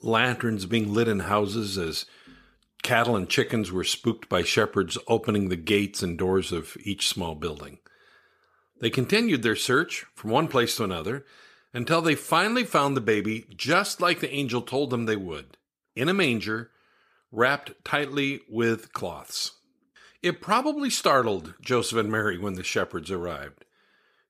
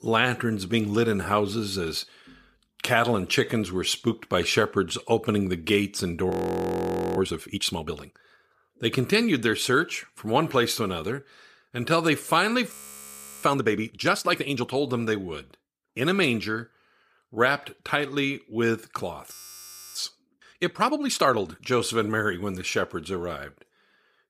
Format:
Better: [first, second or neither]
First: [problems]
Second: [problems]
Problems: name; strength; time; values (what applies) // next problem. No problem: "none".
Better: first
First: none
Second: audio freezing; at 6.5 s for 1 s, at 13 s for 0.5 s and at 19 s for 0.5 s